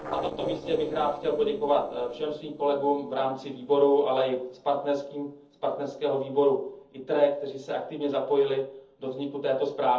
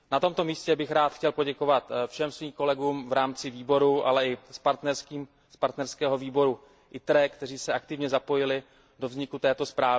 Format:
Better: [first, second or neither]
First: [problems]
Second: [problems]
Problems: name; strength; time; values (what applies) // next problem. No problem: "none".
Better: second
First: noise reduction (neural separator model SepFormer DNS4)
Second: none